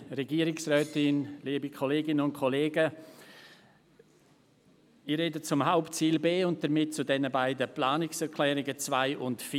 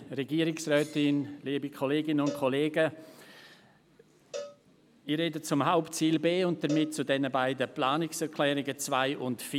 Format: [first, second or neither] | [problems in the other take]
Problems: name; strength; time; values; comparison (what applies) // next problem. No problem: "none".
first | background sound (Cowbell); 18 dB below the speech